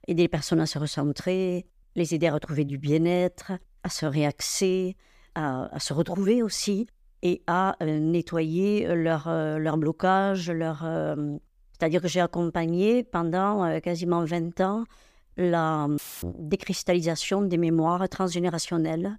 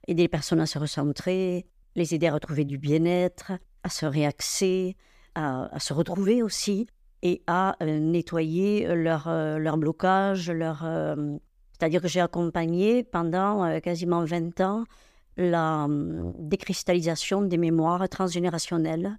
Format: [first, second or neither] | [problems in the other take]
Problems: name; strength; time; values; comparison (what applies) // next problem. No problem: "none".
second | audio cutting out; filled with static; at 16 s